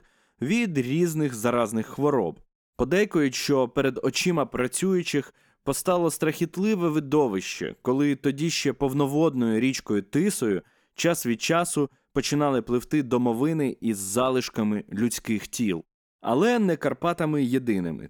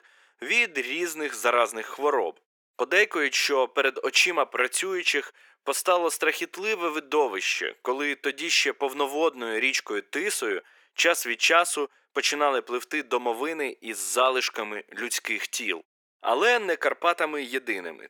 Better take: first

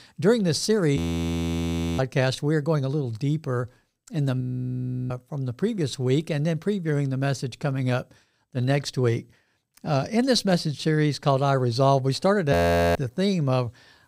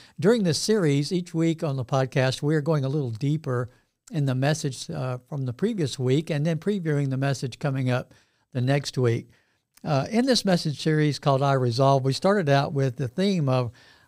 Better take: second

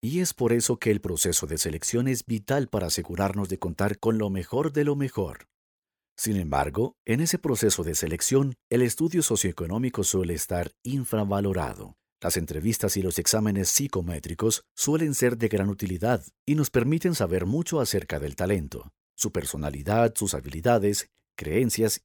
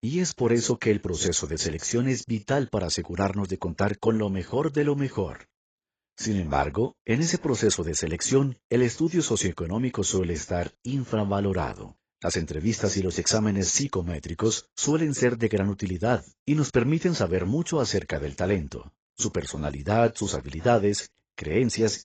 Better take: first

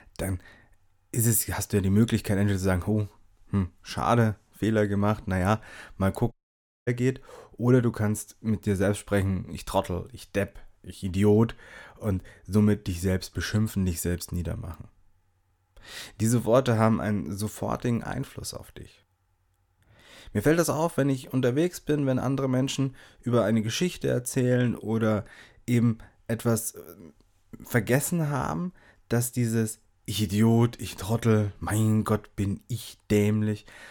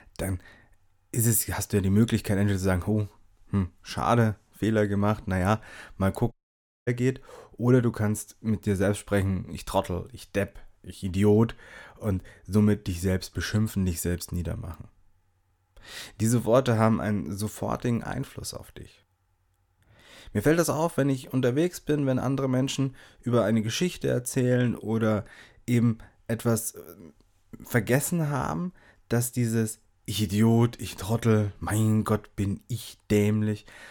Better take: neither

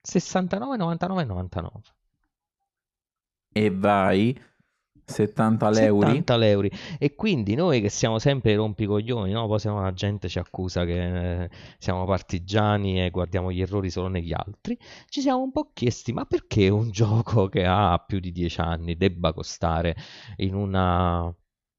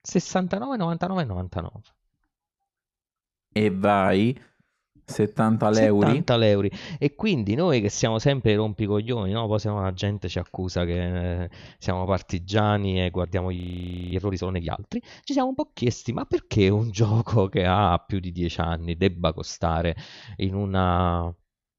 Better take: first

